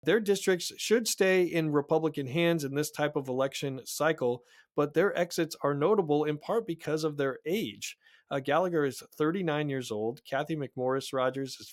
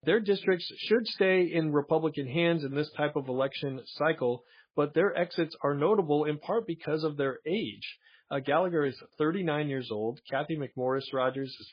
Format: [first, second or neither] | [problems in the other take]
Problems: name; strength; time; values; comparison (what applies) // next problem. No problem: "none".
first | garbled, watery; badly